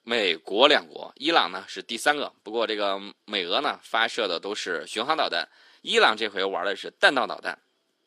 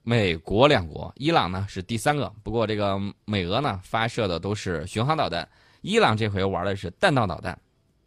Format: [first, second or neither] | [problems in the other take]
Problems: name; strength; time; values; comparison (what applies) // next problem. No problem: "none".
second | thin; somewhat; fading below 300 Hz